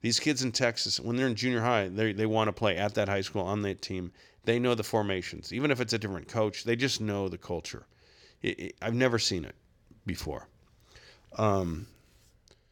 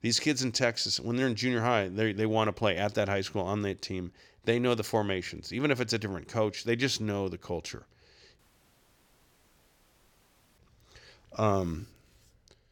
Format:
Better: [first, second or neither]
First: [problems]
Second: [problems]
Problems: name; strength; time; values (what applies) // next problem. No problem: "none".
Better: first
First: none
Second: audio cutting out; at 8.5 s for 2 s